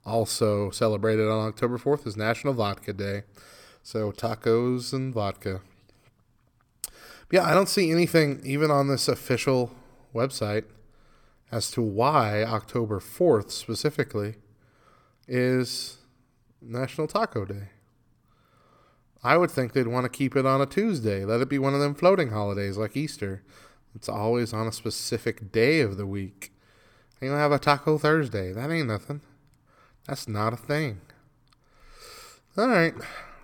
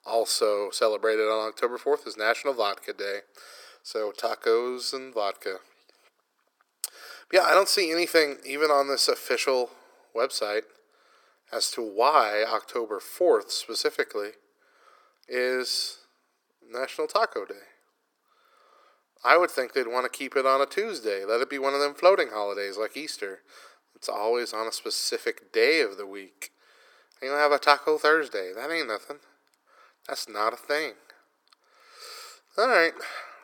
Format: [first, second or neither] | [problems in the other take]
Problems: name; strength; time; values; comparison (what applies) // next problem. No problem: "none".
first | thin; very; fading below 400 Hz